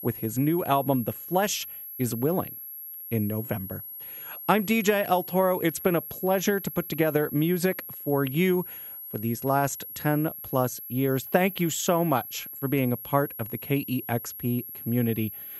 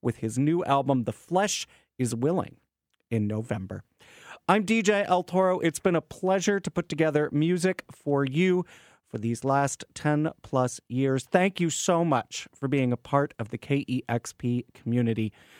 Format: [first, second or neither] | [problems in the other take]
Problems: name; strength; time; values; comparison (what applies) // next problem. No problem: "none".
second | high-pitched whine; loud; throughout; 11.5 kHz, 10 dB below the speech